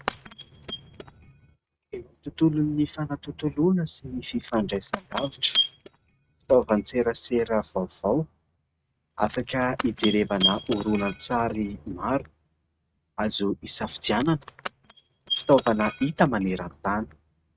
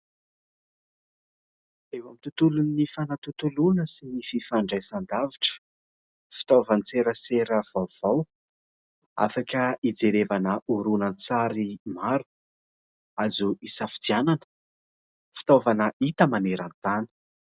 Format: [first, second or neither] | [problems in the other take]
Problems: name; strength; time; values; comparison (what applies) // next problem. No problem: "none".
second | noise reduction (neural mask model RNNoise)